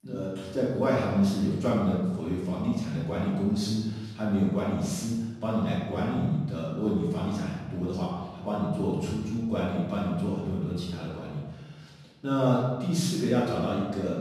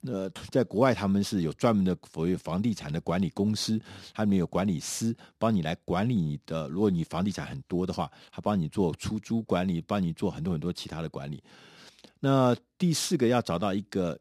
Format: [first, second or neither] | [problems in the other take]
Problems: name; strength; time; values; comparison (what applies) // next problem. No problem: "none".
second | off-mic speech; far // room echo; strong; dies away in 1.2 s